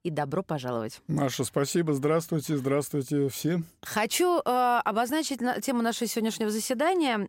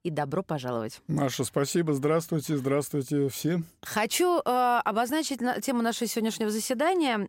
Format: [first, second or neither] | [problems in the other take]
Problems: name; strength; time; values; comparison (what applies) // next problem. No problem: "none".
neither | none